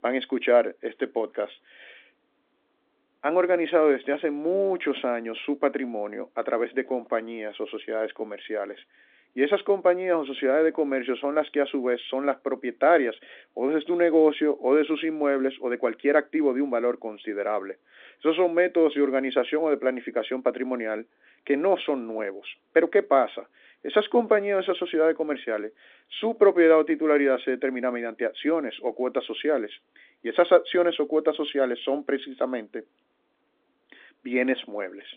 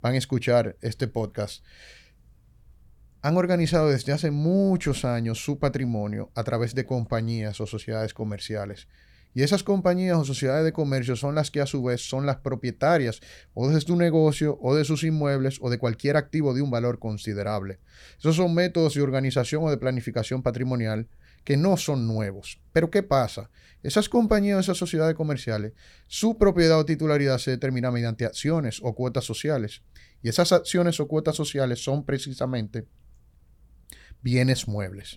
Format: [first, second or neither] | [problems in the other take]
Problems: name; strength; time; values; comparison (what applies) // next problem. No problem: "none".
second | phone-call audio